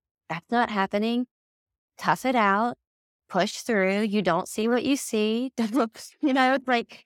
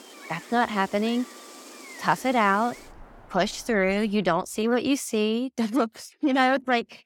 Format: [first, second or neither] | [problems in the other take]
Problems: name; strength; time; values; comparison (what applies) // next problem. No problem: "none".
first | animal sounds; noticeable; until 4 s; 20 dB below the speech